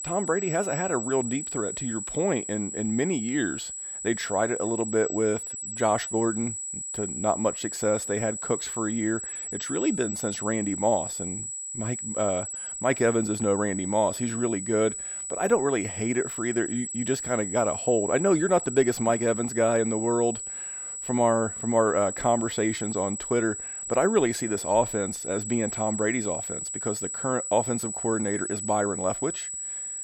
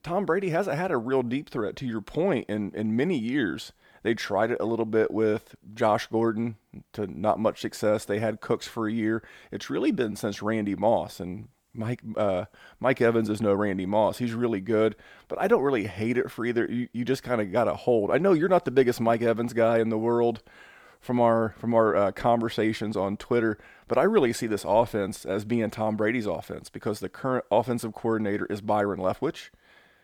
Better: second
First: high-pitched whine; loud; throughout; 8 kHz, 5 dB below the speech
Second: none

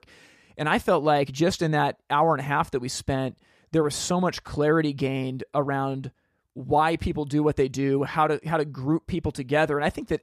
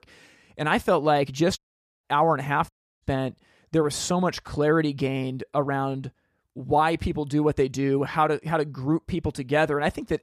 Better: first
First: none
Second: audio cutting out; at 1.5 s and at 2.5 s

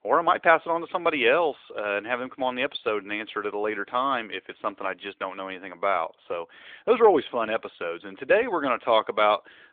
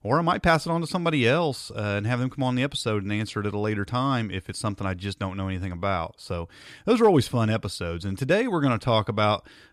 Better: second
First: phone-call audio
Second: none

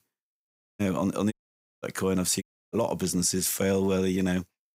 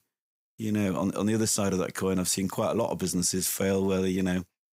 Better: second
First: audio cutting out; at 0.5 s, at 1.5 s for 0.5 s and at 2.5 s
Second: none

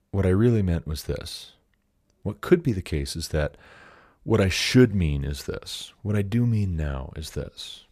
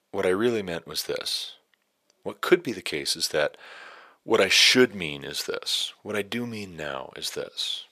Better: first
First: none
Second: thin; somewhat; fading below 450 Hz

